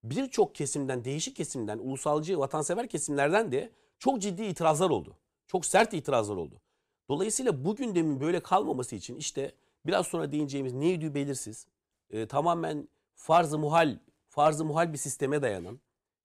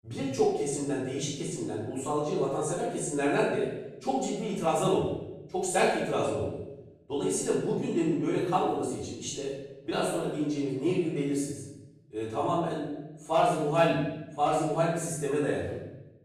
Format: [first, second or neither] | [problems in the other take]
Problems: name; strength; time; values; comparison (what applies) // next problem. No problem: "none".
first | room echo; noticeable; dies away in 0.9 s // off-mic speech; far